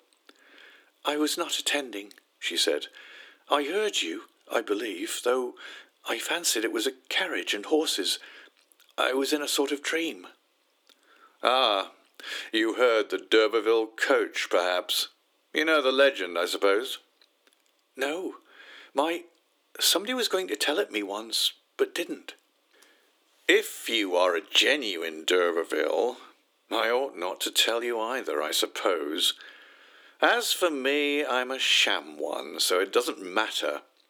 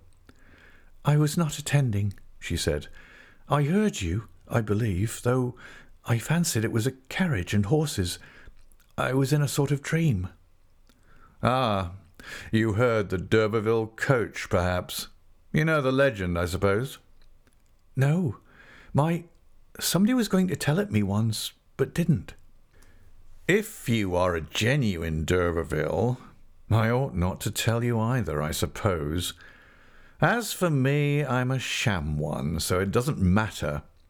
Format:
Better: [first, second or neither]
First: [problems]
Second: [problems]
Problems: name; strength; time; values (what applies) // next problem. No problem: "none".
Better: second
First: thin; very; fading below 300 Hz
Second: none